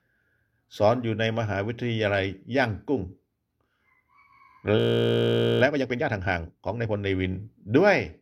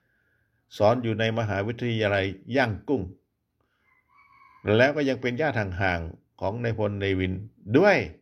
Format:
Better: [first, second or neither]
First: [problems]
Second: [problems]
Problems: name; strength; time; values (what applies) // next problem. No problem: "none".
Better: second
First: audio freezing; at 5 s for 1 s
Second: none